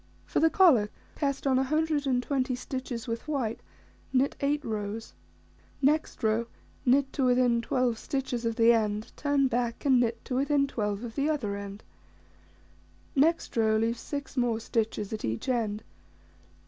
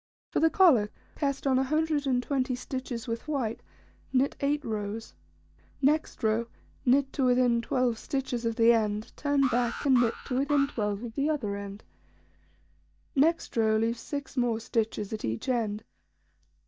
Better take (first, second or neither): first